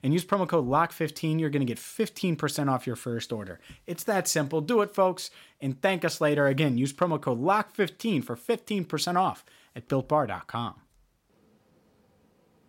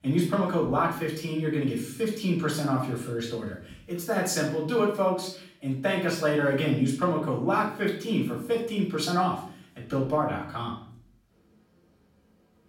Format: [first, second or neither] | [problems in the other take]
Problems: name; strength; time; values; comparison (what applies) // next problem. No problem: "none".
first | off-mic speech; far // room echo; noticeable; dies away in 0.5 s